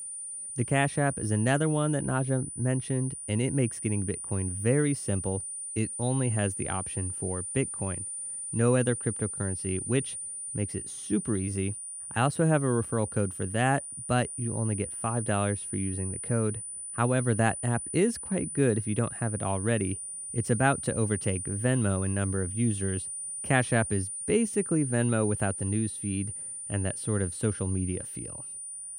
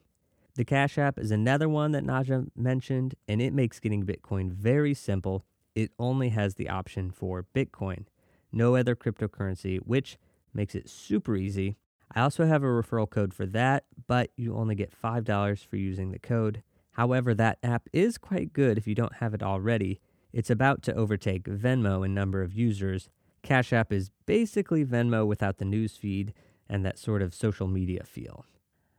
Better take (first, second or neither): second